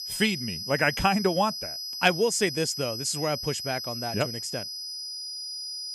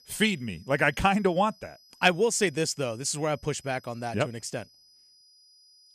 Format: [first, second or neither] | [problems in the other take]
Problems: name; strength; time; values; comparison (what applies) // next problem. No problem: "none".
second | high-pitched whine; loud; throughout; 5 kHz, 6 dB below the speech; faint in the second